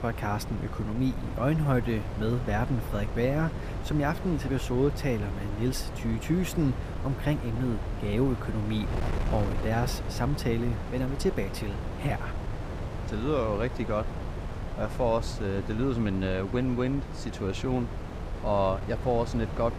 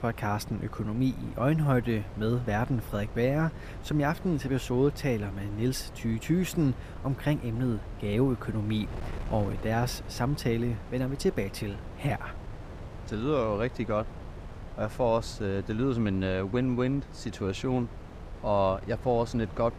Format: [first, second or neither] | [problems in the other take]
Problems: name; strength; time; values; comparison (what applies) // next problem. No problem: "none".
second | wind noise on the microphone; heavy; 9 dB below the speech; occasional gusts in the second